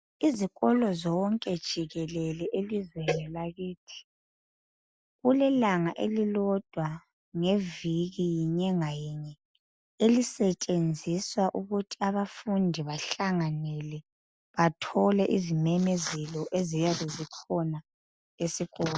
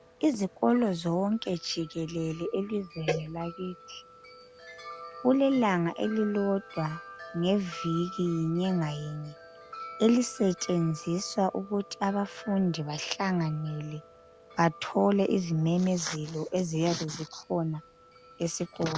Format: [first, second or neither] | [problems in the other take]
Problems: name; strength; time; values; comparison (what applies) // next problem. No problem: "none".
first | background sound (Wind chime); 18 dB below the speech